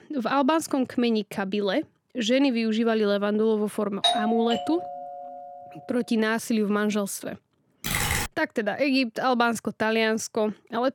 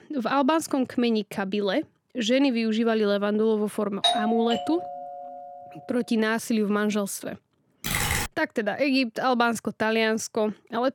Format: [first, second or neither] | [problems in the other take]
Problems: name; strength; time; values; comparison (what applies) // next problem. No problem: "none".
neither | doorbell; loud; from 4 to 5 s; peak 2 dB above the speech; the same in both // keyboard typing; loud; at 8 s; peak 1 dB above the speech; the same in both